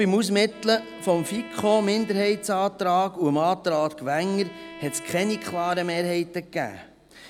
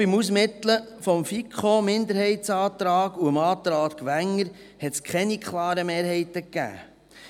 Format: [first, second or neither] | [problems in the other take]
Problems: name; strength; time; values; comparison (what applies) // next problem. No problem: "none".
second | background sound (Bowed string instrument); 19 dB below the speech